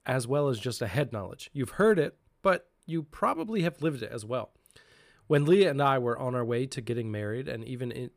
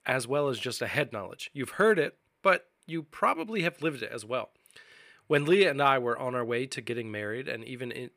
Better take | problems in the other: first | thin; very slightly; fading below 300 Hz

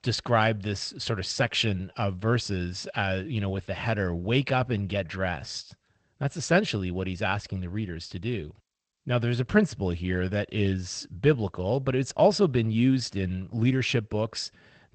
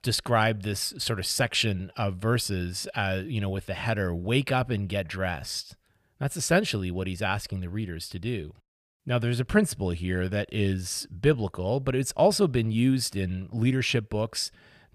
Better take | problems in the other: second | garbled, watery; slightly; nothing above 8 kHz

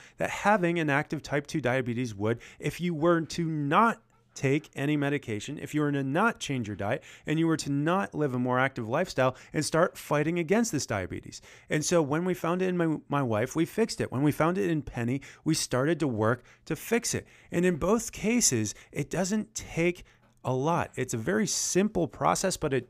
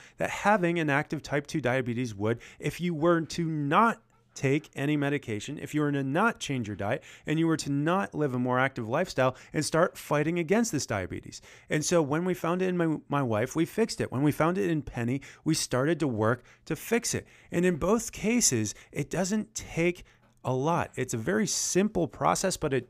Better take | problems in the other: neither | none

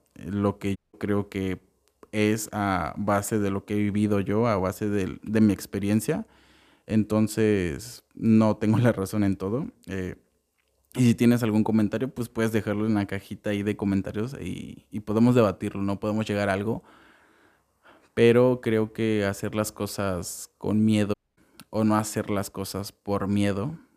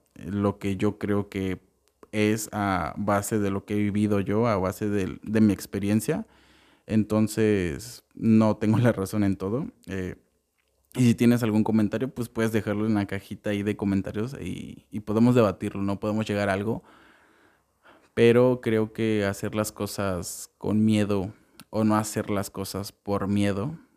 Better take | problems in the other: second | audio cutting out; at 1 s and at 21 s

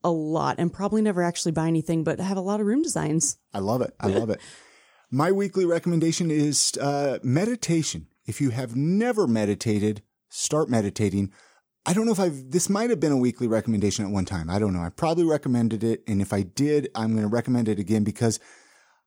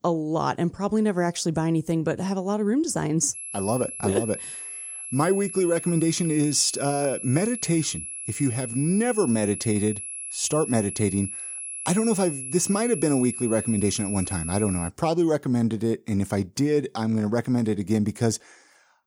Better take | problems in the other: first | high-pitched whine; loud; from 3.5 to 15 s; 11 kHz, 8 dB below the speech

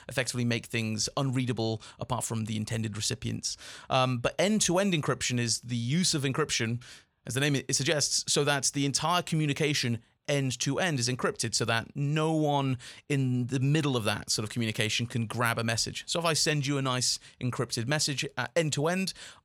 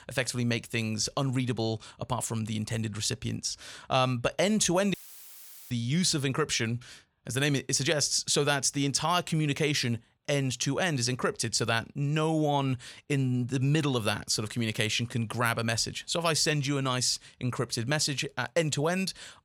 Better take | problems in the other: first | audio cutting out; filled with static; at 5 s for 1 s

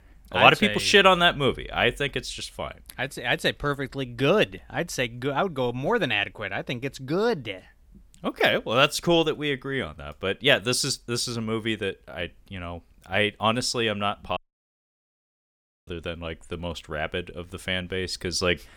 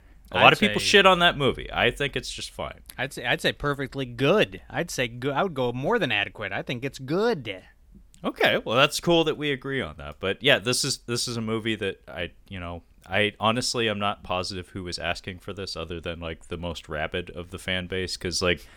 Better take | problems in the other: second | audio cutting out; at 14 s for 1.5 s

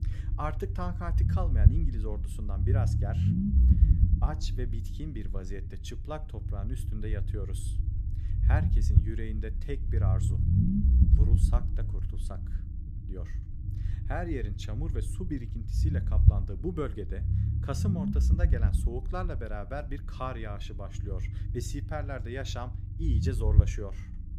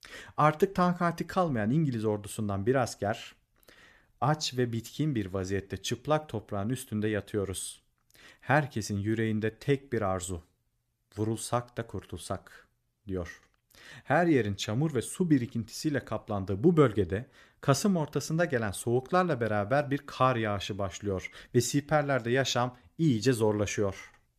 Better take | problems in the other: second | low rumble; loud; throughout; 3 dB below the speech

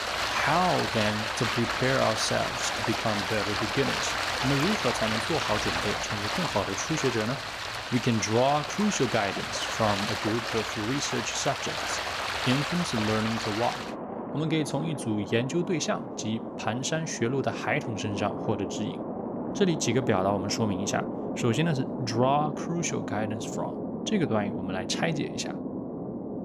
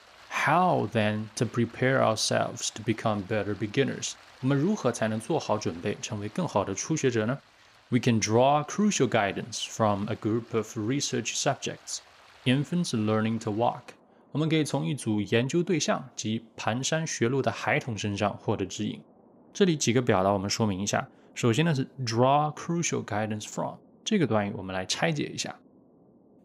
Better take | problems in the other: second | rain or running water; loud; throughout; 2 dB below the speech; faint in the second

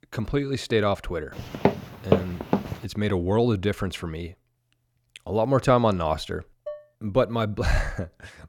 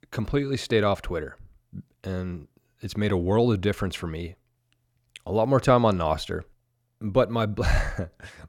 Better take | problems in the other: second | footsteps; loud; from 1.5 to 2.5 s; peak 1 dB above the speech // clattering dishes; faint; at 6.5 s; peak 15 dB below the speech

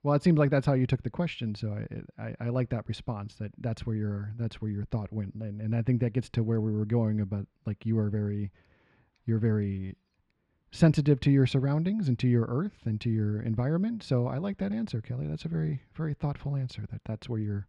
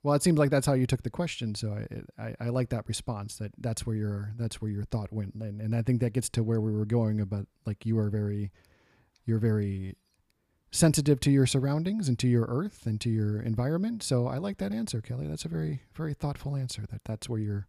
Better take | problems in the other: second | muffled; slightly; fading above 3 kHz

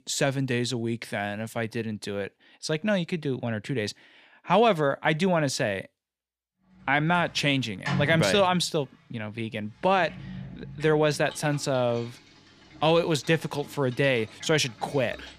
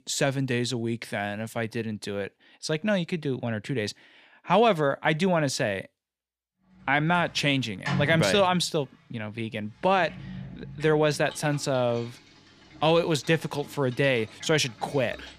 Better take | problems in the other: neither | household noises; noticeable; from 7 s on; 15 dB below the speech; the same in both

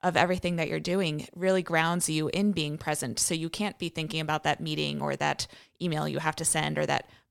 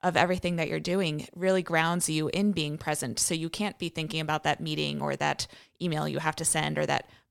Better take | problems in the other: neither | none

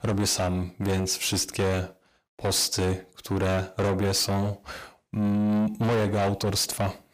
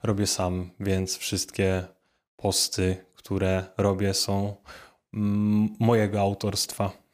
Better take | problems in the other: second | distortion; heavy; 6 dB below the speech

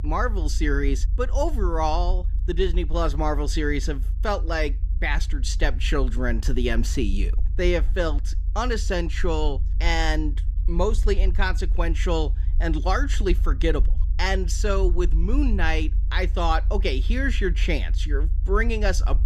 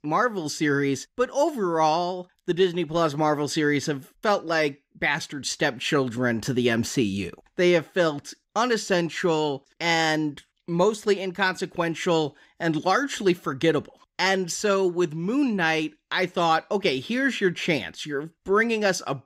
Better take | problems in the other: second | low rumble; faint; throughout; 20 dB below the speech

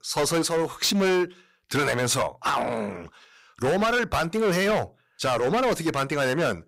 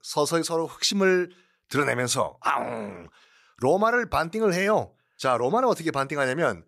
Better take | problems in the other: second | distortion; heavy; 18% of the sound clipped

